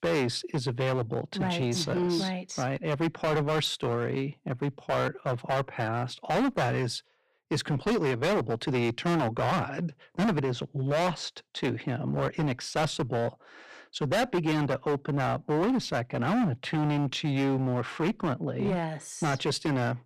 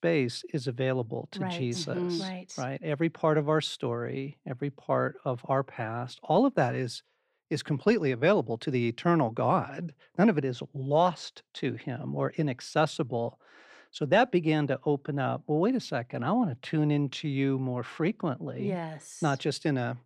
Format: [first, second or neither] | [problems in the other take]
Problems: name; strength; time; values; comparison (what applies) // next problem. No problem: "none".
second | distortion; heavy; 16% of the sound clipped